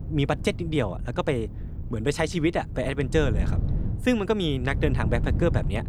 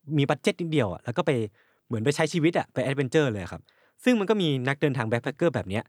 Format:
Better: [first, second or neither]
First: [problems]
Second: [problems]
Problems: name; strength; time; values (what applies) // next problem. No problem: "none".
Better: second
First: wind noise on the microphone; occasional gusts; 15 dB below the speech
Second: none